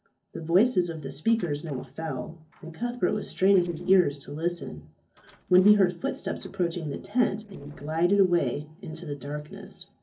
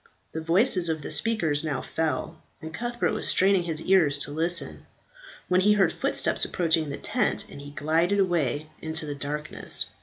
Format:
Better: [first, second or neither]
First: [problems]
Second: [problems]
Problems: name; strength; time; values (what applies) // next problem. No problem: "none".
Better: second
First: noise reduction (neural separator model SepFormer DNS4)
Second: none